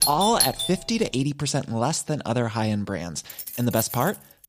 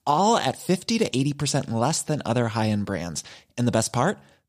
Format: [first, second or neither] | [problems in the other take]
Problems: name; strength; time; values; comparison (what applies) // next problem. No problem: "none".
second | doorbell; loud; at the start; peak 3 dB above the speech // jangling keys; noticeable; from 3.5 s on; peak 6 dB below the speech